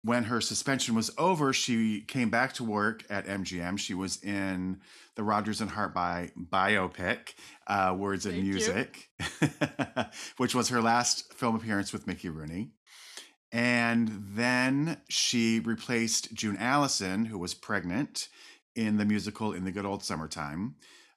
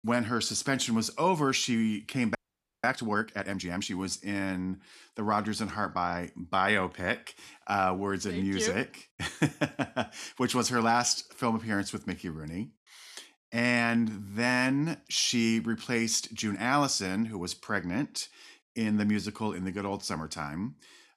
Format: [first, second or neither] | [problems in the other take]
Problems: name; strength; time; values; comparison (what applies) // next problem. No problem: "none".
first | audio freezing; at 2.5 s